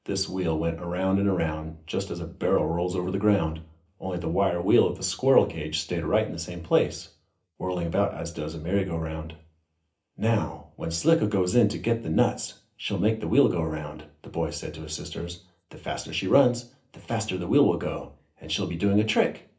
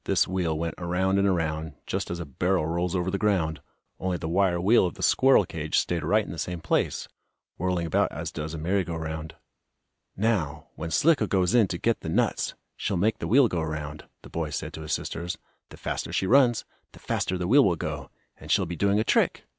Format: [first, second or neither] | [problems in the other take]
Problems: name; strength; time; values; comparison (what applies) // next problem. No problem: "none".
second | room echo; dies away in 0.3 s